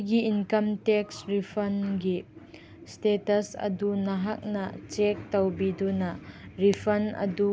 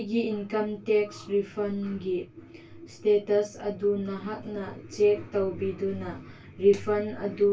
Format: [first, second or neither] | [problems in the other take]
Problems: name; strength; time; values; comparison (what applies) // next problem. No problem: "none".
first | room echo; dies away in 0.1 s